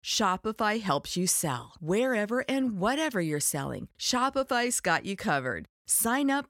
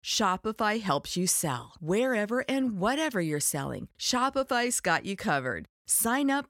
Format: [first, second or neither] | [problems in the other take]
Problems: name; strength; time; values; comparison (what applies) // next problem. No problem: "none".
neither | none